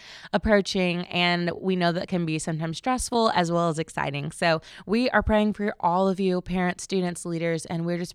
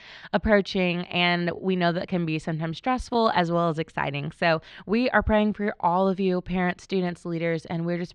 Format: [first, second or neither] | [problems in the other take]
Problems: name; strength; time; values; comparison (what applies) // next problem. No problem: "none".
first | muffled; very slightly; fading above 3 kHz